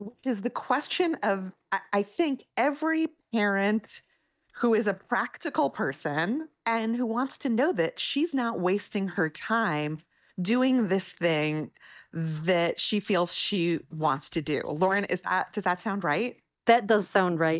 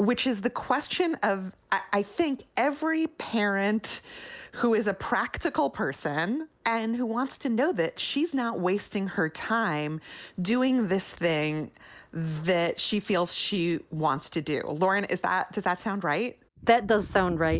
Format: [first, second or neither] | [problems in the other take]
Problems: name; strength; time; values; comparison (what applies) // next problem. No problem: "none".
second | noise reduction (neural mask model DeepFilterNet 3)